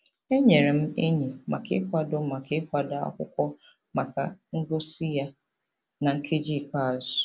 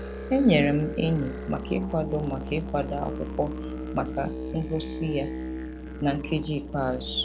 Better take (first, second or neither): first